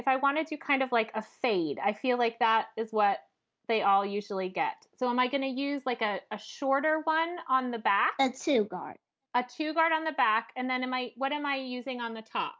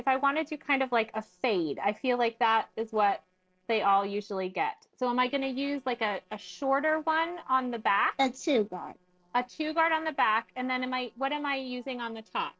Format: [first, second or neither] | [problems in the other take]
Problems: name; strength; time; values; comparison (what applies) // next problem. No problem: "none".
first | noise reduction (neural separator model SepFormer DNS4)